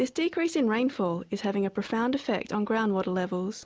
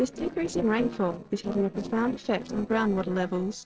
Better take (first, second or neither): first